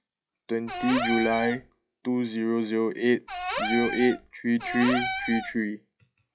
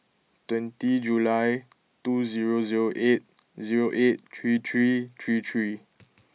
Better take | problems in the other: second | noise reduction (classical method log-MMSE)

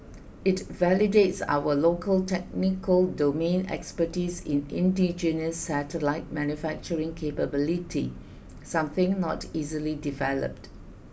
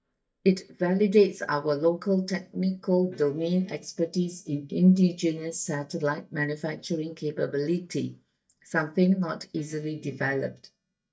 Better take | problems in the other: first | noise reduction (neural mask model DeepFilterNet 3)

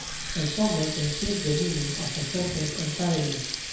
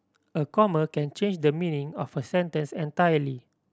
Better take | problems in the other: second | background sound (Water tap, faucet); 4 dB below the speech // room echo; dies away in 1 s

